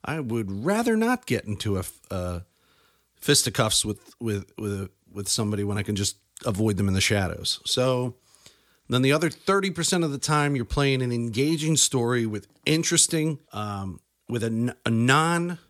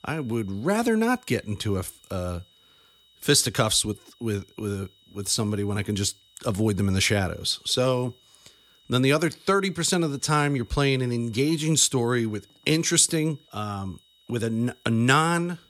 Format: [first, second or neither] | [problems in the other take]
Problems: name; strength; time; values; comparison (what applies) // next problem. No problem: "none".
first | high-pitched whine; faint; throughout; 4 kHz, 30 dB below the speech